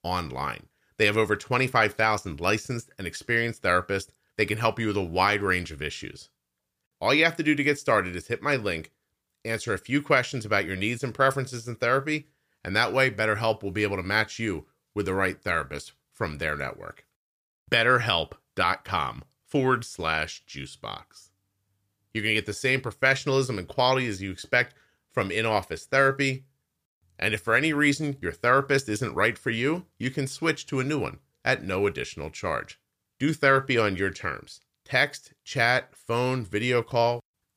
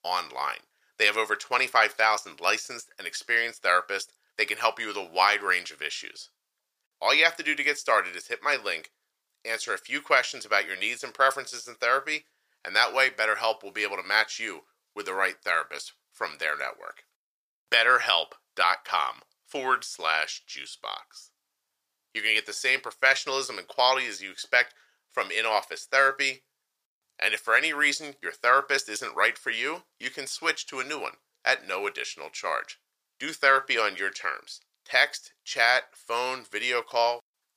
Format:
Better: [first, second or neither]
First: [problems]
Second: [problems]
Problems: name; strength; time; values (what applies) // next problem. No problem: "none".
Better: first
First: none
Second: thin; very; fading below 750 Hz